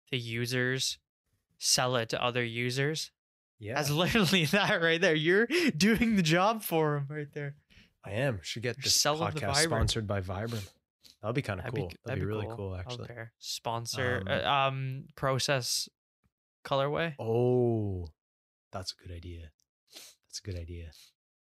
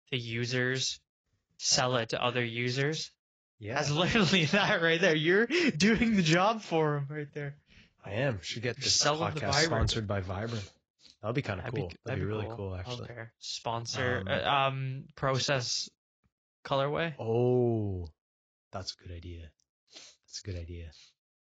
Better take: first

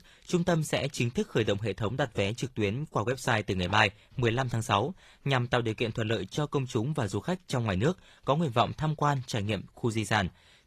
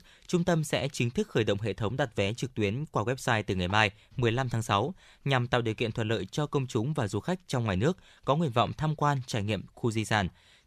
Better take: second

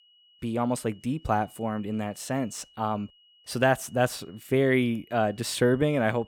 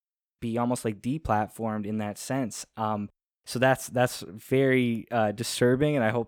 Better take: second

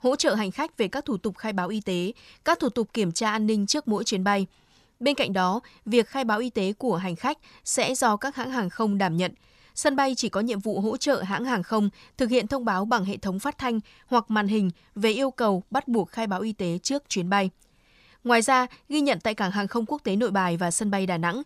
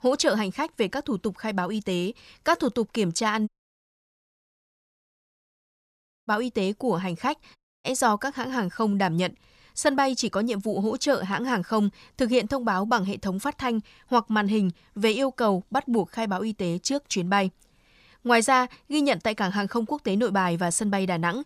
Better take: first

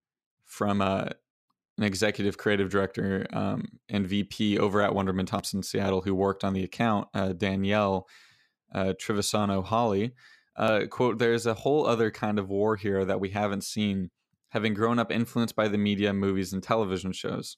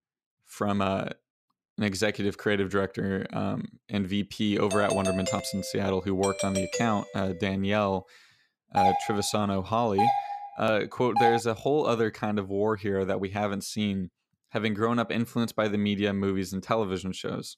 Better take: first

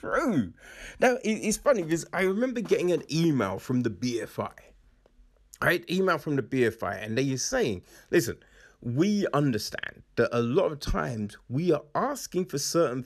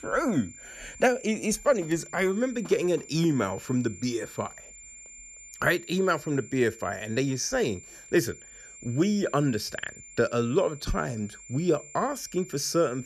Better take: first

